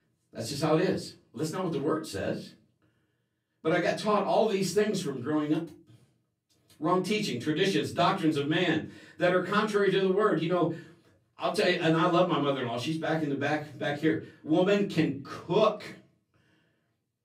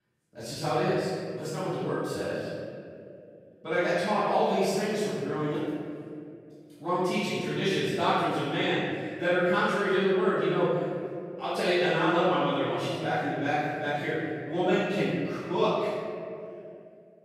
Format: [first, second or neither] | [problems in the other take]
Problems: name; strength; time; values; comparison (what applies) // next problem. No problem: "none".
first | room echo; strong; dies away in 2.2 s; slight in the first // off-mic speech; far; far in the first